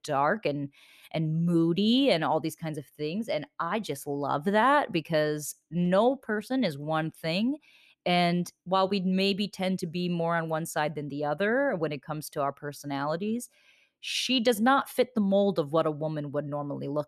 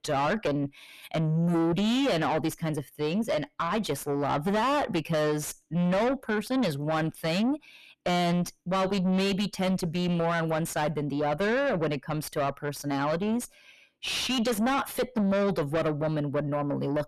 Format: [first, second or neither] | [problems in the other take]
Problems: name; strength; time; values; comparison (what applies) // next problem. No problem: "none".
first | distortion; heavy; 5 dB below the speech